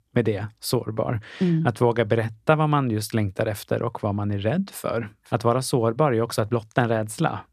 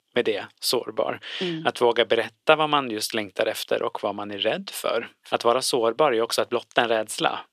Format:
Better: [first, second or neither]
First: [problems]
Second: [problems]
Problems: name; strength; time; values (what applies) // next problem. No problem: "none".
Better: first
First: none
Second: thin; somewhat; fading below 450 Hz